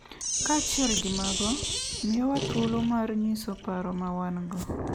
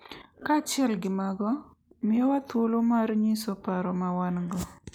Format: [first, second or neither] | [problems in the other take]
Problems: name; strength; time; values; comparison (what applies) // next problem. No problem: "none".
second | background sound (Sink (filling or washing)); 3 dB below the speech